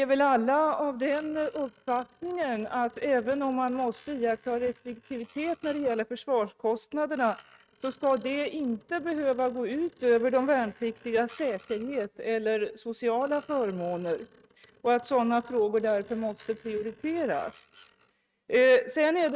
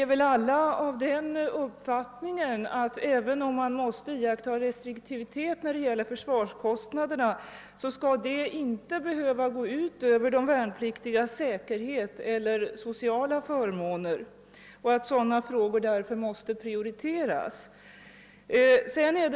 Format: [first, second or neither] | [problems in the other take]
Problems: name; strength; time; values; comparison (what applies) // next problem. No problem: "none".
second | noise reduction (neural mask model RNNoise)